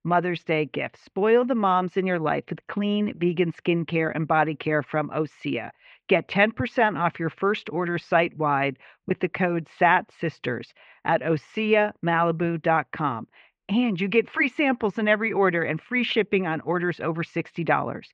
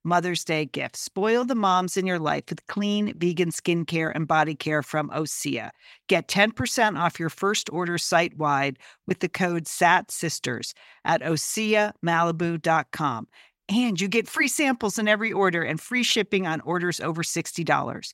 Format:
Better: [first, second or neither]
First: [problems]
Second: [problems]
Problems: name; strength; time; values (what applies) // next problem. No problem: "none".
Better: second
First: muffled; very; fading above 2.5 kHz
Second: none